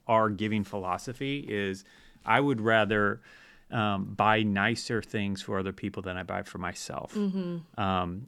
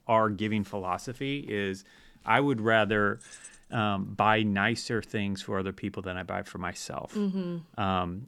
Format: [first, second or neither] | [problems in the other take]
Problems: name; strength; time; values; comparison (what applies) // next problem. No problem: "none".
first | jangling keys; faint; at 3 s; peak 20 dB below the speech